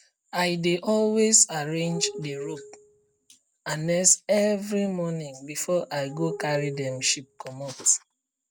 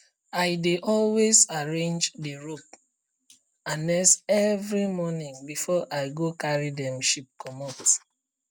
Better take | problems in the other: second | background sound (Glass); 12 dB below the speech

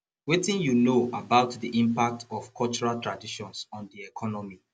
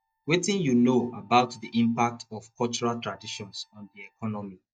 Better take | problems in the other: first | noise reduction (neural mask model DeepFilterNet 3)

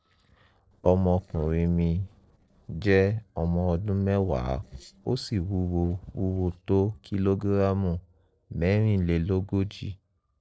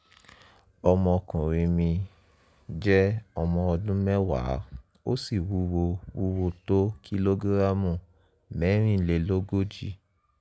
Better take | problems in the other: second | noise reduction (neural separator model SepFormer DNS4)

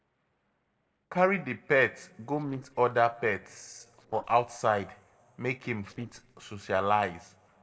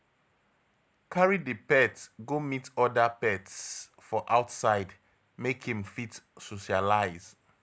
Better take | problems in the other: second | noise reduction (neural separator model SepFormer DNS4)

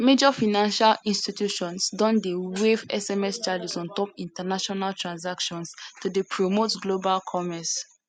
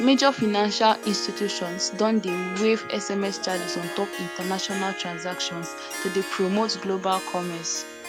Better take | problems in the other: first | background sound (Harp); 10 dB below the speech

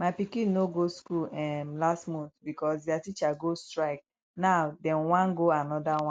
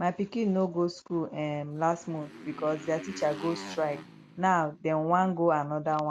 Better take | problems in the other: first | background sound (Motorcycle); 16 dB below the speech

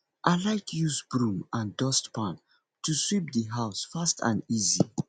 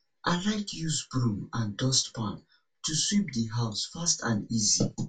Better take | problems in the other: first | room echo; dies away in 0.2 s

